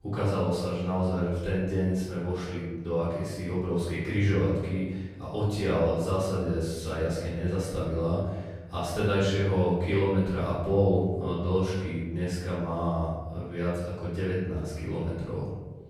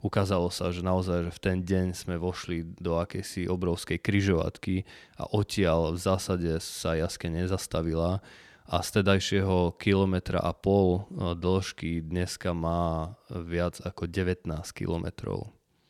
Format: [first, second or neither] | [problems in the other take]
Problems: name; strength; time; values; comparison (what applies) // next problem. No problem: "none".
second | off-mic speech; far // room echo; strong; dies away in 1.2 s